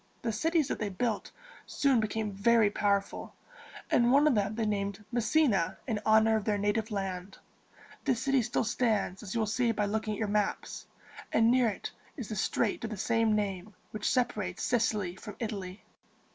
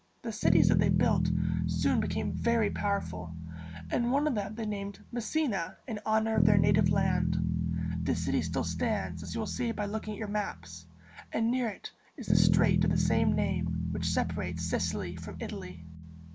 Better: first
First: none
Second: background sound (Bass guitar); 2 dB above the speech

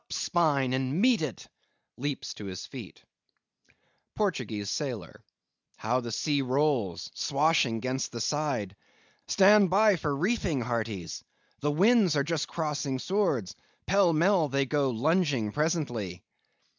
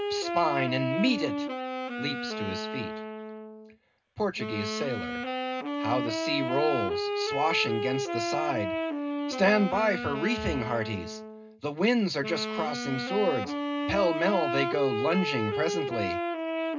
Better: first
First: none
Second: background sound (Wind instrument, woodwind instrument); 2 dB below the speech // room echo; dies away in 0.2 s

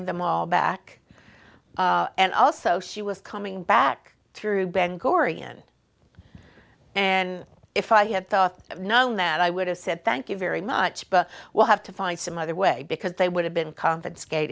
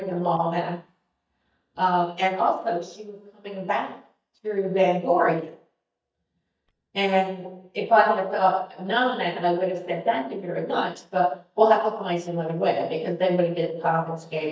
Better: first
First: none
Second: noise reduction (neural mask model DeepFilterNet 3)

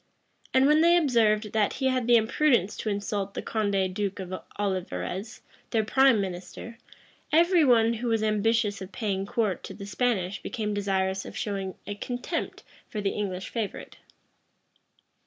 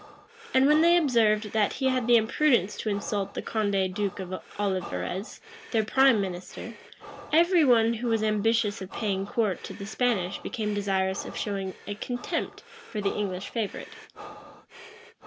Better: first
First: none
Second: background sound (Breathing); 17 dB below the speech

